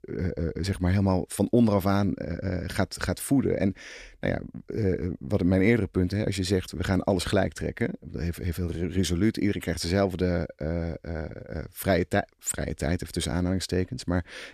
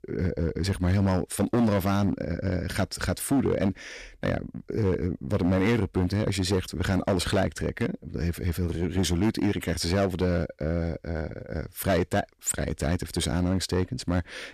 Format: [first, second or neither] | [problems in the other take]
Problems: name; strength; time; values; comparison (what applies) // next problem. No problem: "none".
first | distortion; slight; 8% of the sound clipped